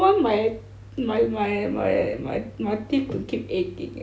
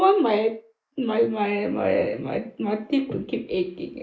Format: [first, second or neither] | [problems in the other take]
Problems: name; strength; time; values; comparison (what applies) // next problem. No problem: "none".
first | noise reduction (neural mask model Resemble Enhance denoiser)